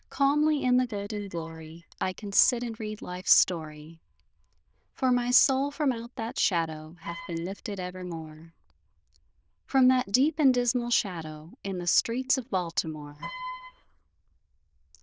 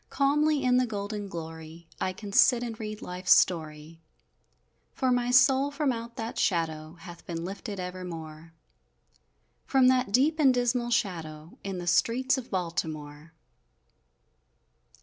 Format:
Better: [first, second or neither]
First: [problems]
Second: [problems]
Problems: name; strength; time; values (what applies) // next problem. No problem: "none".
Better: second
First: noise reduction (neural diffusion model UNIVERSE++)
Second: none